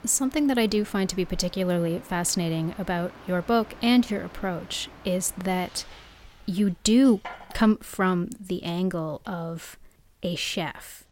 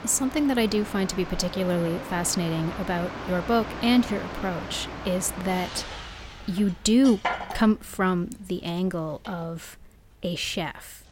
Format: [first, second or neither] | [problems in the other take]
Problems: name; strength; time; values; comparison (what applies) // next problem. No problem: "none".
first | machinery noise; loud; throughout; 10 dB below the speech; faint in the first